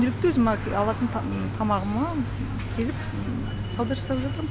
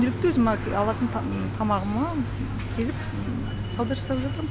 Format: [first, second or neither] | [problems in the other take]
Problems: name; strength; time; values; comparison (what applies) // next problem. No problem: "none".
first | background sound (Guitar); 19 dB below the speech